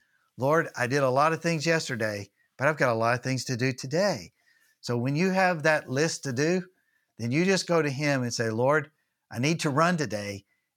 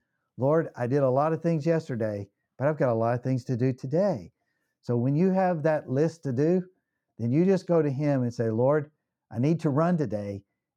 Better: first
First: none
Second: muffled; very; fading above 1 kHz

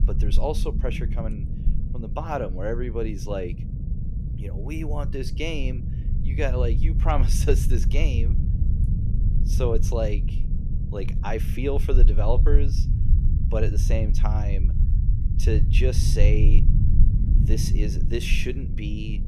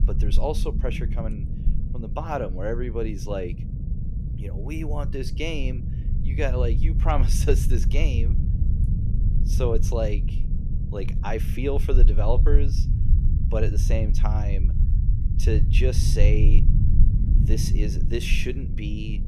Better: neither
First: low rumble; loud; throughout; 9 dB below the speech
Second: low rumble; loud; throughout; 9 dB below the speech

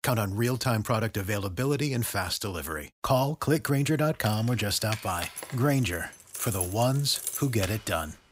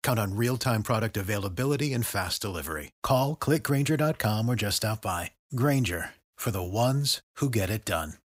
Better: second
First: jangling keys; noticeable; from 4.5 to 7.5 s; peak 3 dB below the speech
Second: none

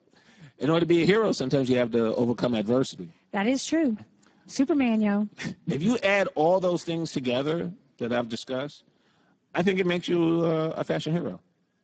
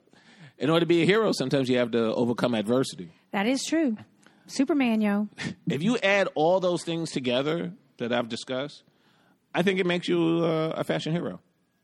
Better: second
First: garbled, watery; badly; nothing above 7.5 kHz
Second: none

